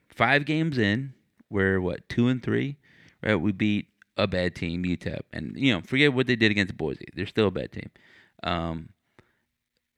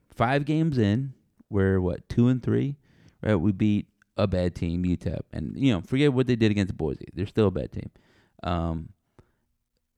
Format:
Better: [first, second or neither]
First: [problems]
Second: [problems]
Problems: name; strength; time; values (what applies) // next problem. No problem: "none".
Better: second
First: thin; very slightly; fading below 300 Hz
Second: none